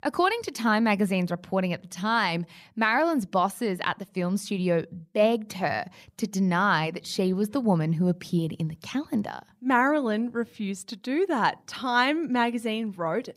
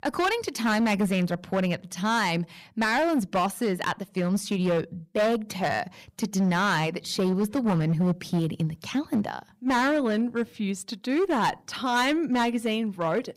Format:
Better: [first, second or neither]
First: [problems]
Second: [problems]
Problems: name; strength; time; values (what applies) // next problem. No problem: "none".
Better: first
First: none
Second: distortion; slight; 11% of the sound clipped